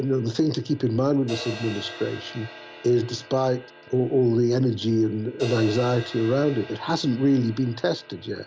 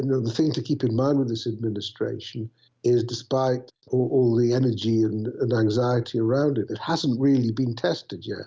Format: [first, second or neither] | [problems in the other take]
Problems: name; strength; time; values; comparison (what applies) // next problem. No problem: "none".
second | background sound (Crash cymbal); 17 dB below the speech